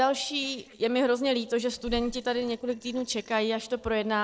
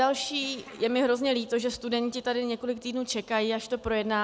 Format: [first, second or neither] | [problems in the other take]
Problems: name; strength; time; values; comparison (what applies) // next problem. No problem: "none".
second | noise reduction (neural separator model SepFormer DNS4)